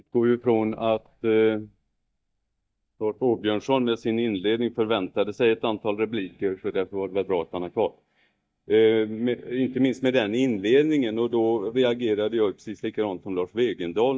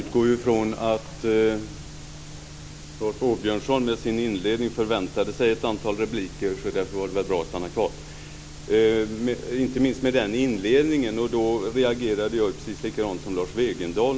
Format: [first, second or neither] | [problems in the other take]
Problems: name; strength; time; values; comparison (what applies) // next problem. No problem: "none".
second | noise reduction (neural mask model DeepFilterNet 3)